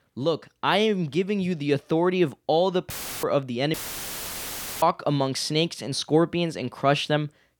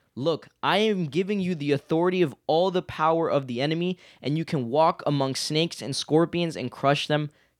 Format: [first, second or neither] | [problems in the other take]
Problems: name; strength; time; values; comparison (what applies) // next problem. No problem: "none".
second | audio cutting out; filled with static; at 3 s and at 3.5 s for 1 s